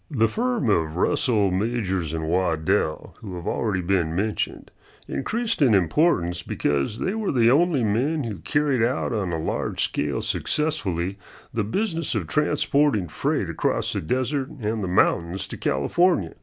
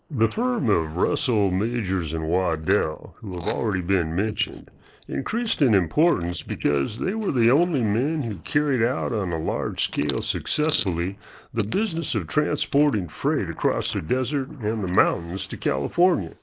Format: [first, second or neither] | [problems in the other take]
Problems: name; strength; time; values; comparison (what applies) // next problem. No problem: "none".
first | noise reduction (neural mask model Resemble Enhance denoiser)